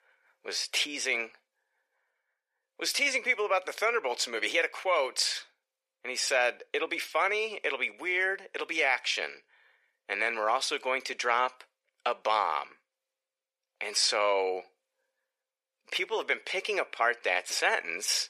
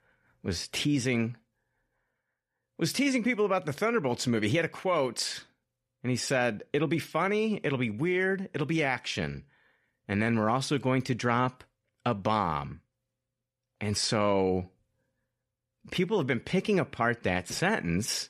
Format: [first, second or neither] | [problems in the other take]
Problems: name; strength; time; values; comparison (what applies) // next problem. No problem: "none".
second | thin; very; fading below 450 Hz